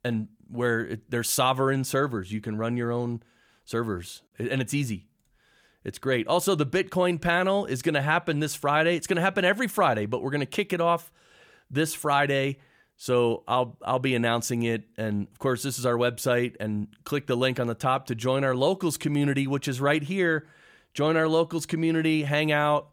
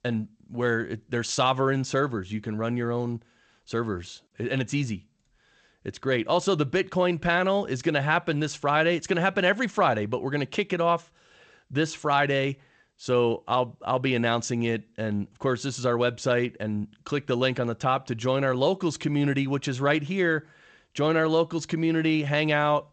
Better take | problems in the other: first | garbled, watery; slightly; nothing above 8 kHz

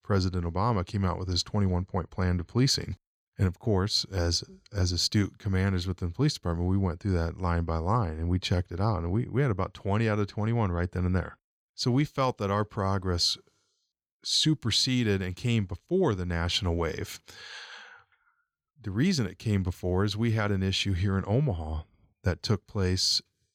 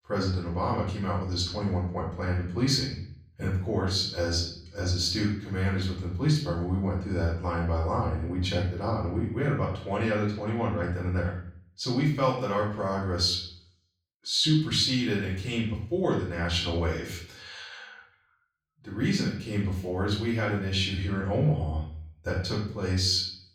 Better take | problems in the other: first | off-mic speech; far // room echo; noticeable; dies away in 0.5 s

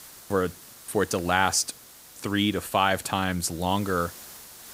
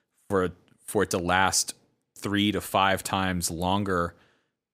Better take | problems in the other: second | hiss; noticeable; throughout; 20 dB below the speech

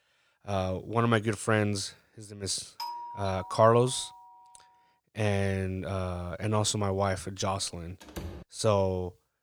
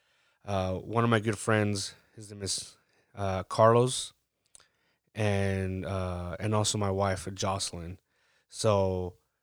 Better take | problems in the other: second | doorbell; noticeable; from 3 to 4.5 s; peak 9 dB below the speech // door banging; faint; at 8 s; peak 15 dB below the speech

